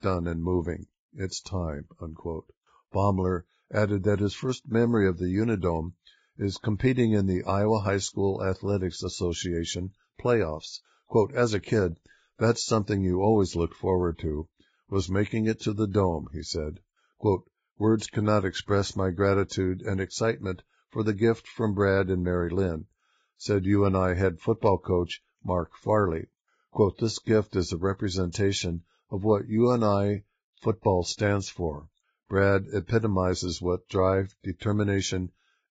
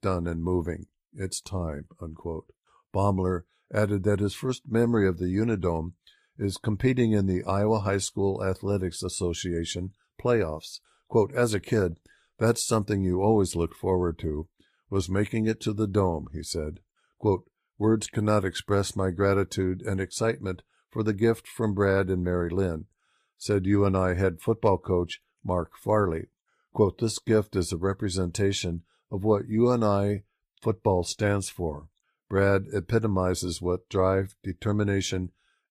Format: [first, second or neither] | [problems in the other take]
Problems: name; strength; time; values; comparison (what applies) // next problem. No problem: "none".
second | garbled, watery; badly; nothing above 7.5 kHz; slightly in the second